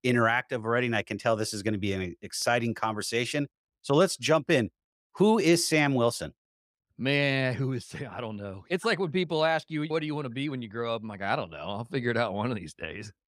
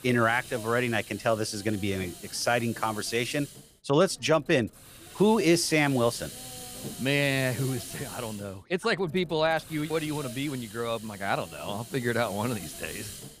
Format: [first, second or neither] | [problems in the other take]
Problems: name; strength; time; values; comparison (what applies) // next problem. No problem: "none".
first | hiss; noticeable; throughout; 15 dB below the speech